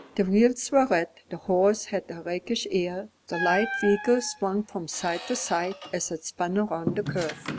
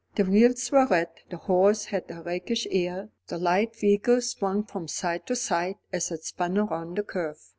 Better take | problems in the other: second | background sound (Squeak); 11 dB below the speech

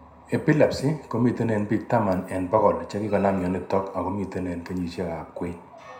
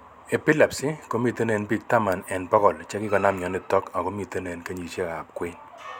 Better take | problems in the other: second | room echo; dies away in 0.5 s

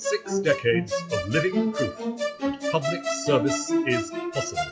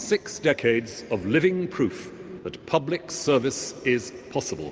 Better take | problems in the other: second | noise reduction (classical method WPE with log-MMSE)

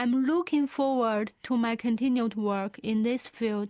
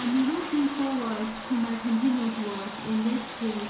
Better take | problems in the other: first | background sound (Bathtub (filling or washing)); 10 dB below the speech // room echo; dies away in 0.7 s

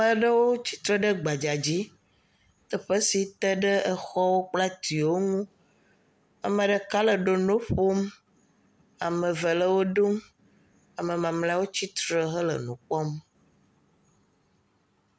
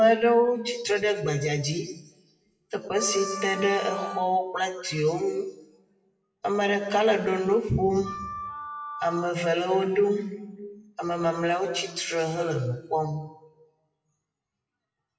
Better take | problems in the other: first | noise reduction (classical method WPE with log-MMSE)

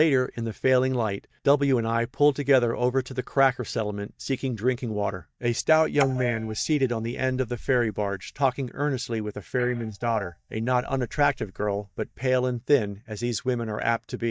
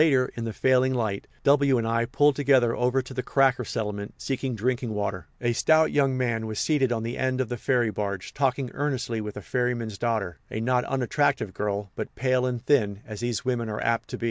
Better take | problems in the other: second | noise reduction (neural mask model DeepFilterNet 3)

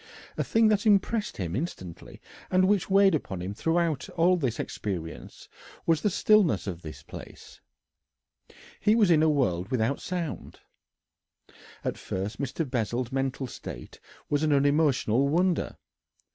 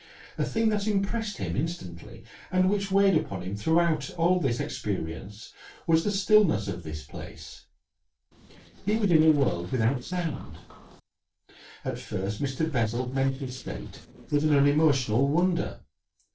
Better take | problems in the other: first | noise reduction (neural separator model SepFormer DNS4)

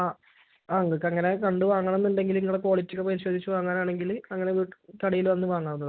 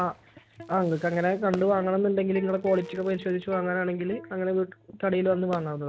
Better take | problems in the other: first | background sound (Fireworks + Electric guitar); 18 dB below the speech

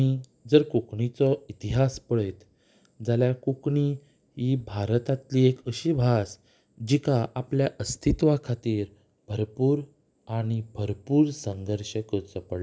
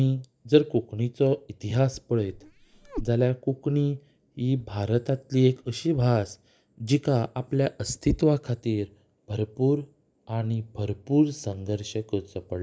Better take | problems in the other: first | noise reduction (neural mask model Resemble Enhance denoiser)

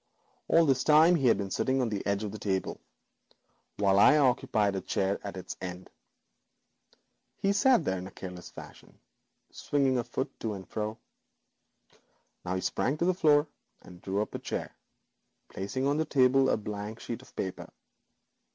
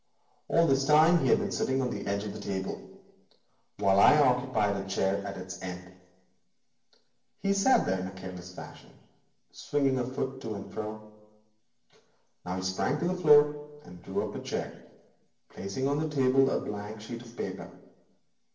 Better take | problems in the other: first | room echo; dies away in 0.7 s

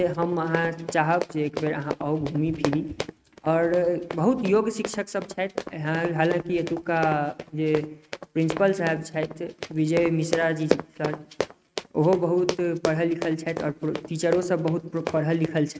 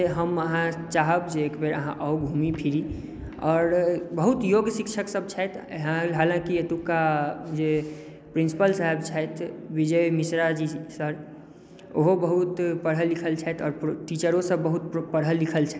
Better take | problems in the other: second | noise reduction (neural mask model RNNoise)

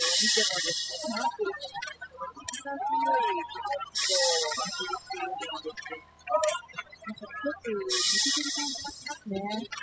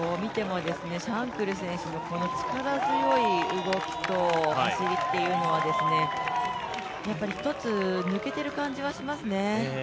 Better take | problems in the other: second | noise reduction (classical method spectral subtraction)

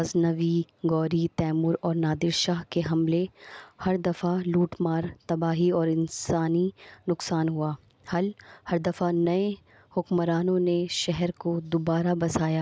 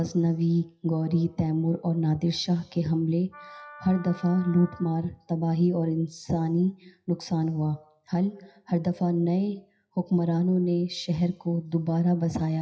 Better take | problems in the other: first | noise reduction (classical method WPE with log-MMSE)

